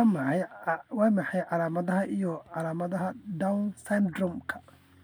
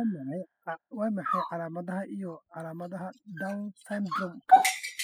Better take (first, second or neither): first